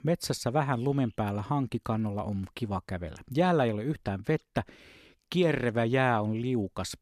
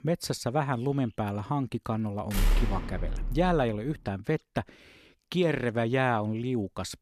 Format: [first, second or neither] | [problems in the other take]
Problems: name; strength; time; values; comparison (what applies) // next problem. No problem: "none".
first | door banging; loud; from 2.5 to 3.5 s; peak 1 dB above the speech